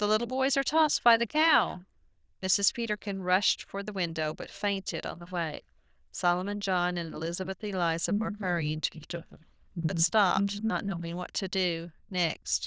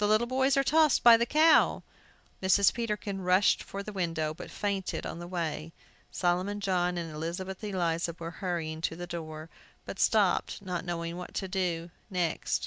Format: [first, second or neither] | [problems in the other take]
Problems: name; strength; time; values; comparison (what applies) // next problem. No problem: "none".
second | noise reduction (neural diffusion model UNIVERSE++)